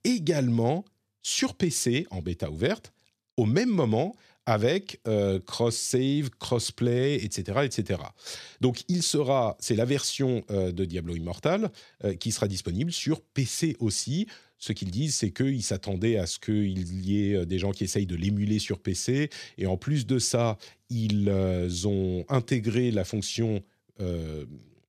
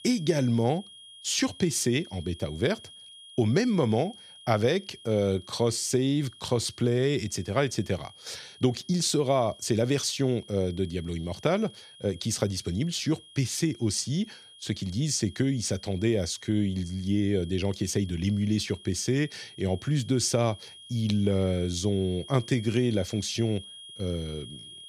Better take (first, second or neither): first